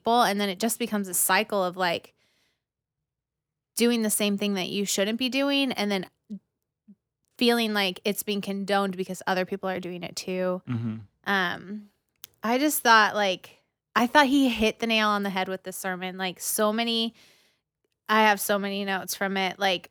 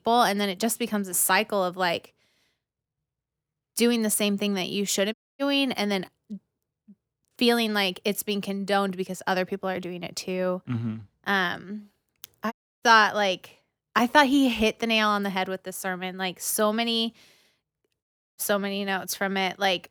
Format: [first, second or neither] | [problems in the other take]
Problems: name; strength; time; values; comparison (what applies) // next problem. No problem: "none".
first | audio cutting out; at 5 s, at 13 s and at 18 s